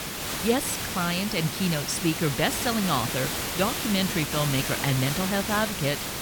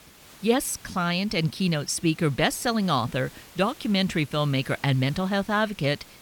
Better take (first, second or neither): second